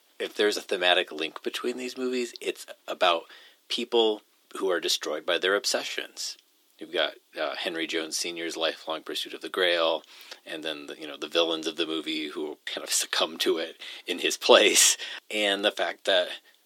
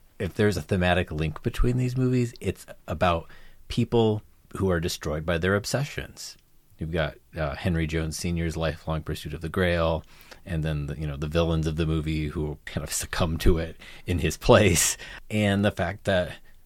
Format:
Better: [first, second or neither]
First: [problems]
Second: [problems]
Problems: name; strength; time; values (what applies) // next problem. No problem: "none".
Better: second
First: thin; very; fading below 300 Hz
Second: none